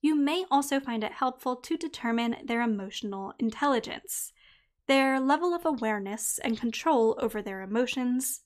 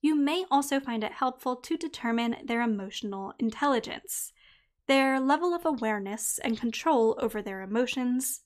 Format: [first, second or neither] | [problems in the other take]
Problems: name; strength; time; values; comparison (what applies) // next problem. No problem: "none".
neither | none